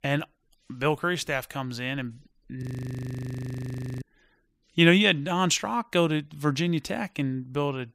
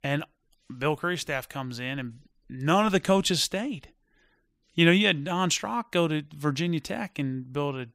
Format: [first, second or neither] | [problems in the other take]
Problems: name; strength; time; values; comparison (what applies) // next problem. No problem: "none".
second | audio freezing; at 2.5 s for 1.5 s